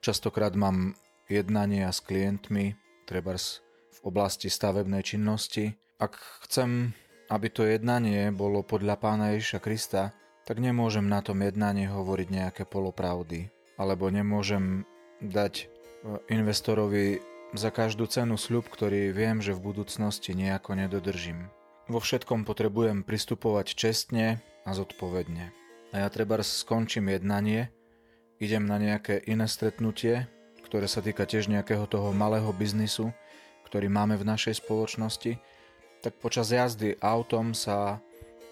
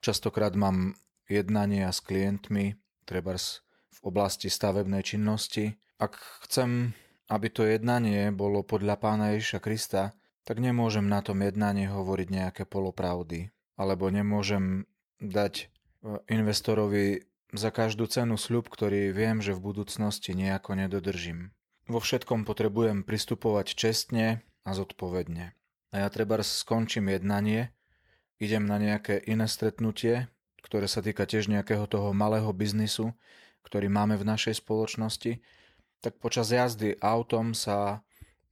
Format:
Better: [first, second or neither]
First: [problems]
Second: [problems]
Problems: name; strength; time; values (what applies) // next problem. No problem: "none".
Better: second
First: background music; faint; throughout; 25 dB below the speech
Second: none